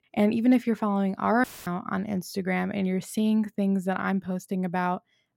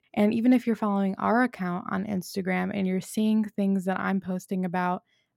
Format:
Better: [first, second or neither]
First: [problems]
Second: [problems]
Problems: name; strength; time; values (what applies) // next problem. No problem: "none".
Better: second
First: audio cutting out; filled with static; at 1.5 s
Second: none